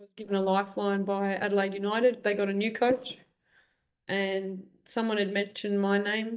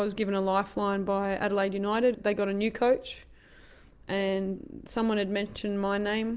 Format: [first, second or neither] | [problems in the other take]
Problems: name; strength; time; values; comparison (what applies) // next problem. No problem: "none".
second | noise reduction (neural mask model DeepFilterNet 3)